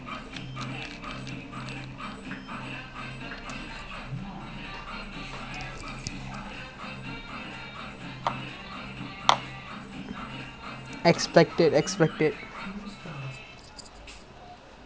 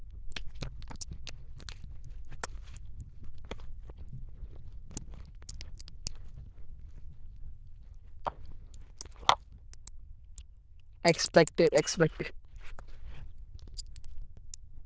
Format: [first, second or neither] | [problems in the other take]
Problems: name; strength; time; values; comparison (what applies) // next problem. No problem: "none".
first | noise reduction (neural diffusion model UNIVERSE++)